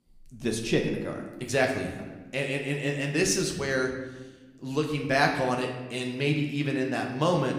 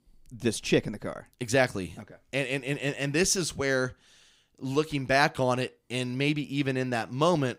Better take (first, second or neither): second